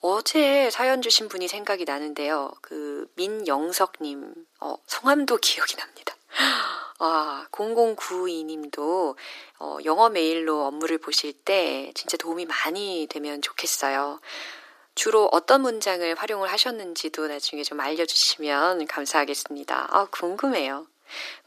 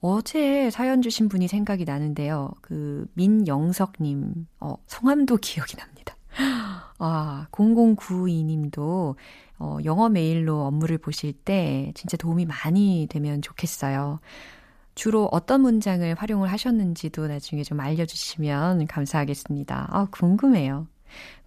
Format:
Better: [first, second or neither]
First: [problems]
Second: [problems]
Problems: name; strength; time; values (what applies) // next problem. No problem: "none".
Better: second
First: thin; very; fading below 300 Hz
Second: none